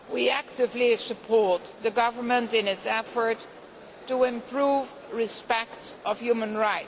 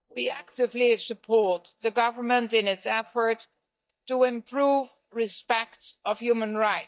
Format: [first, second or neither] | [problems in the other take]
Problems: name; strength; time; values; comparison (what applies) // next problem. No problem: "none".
first | noise reduction (neural mask model DeepFilterNet 3)